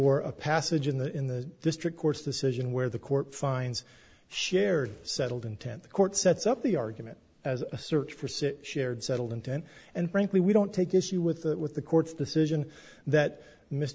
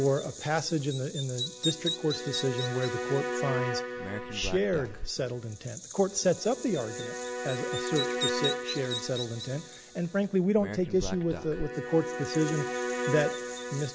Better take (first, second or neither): first